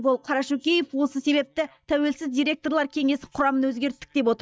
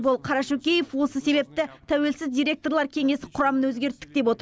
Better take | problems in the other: second | noise reduction (neural mask model DeepFilterNet 3)

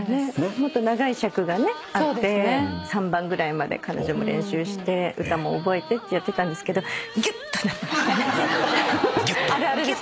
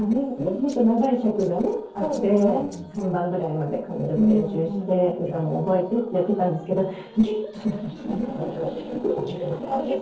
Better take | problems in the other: first | noise reduction (neural separator model SepFormer DNS4)

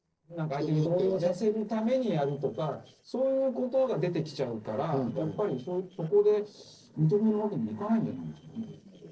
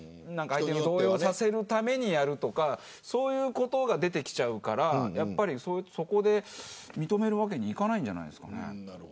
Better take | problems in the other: second | noise reduction (neural separator model SepFormer DNS4)

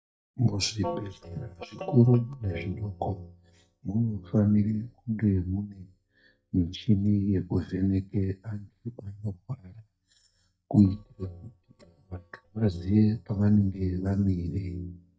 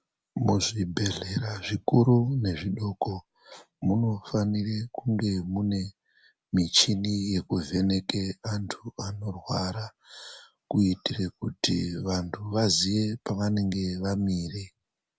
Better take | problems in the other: second | noise reduction (neural mask model DeepFilterNet 3)

